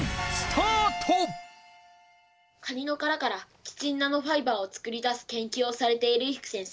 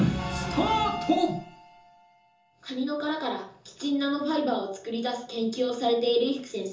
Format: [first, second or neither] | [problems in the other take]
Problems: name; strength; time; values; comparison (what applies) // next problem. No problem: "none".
first | room echo; dies away in 0.6 s